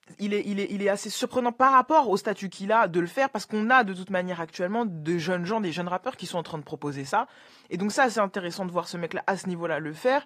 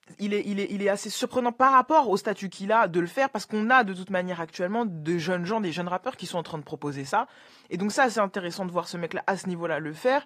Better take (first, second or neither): neither